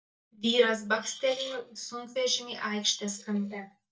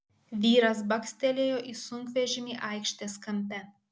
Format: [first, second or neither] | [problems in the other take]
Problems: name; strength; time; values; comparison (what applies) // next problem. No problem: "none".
second | noise reduction (neural mask model DeepFilterNet 3)